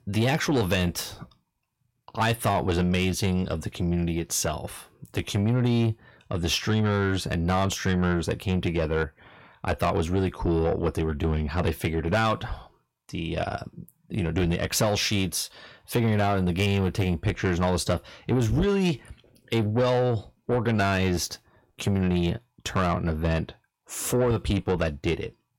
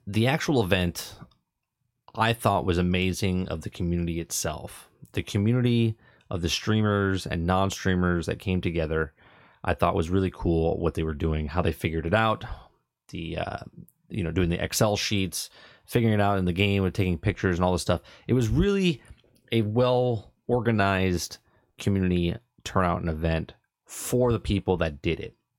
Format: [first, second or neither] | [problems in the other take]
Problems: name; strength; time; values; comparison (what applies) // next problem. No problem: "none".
second | distortion; slight; 10 dB below the speech